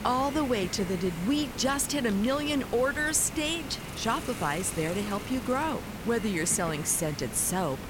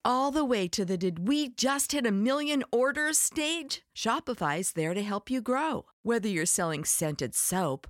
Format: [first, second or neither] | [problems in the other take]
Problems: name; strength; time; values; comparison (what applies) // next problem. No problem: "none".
second | hiss; loud; throughout; 10 dB below the speech